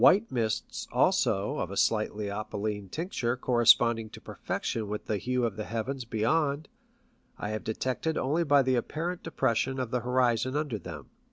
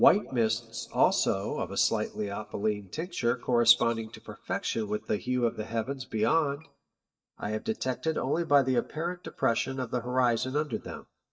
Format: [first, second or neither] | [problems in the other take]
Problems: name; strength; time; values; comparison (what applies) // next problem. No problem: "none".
first | noise reduction (neural mask model DeepFilterNet 3)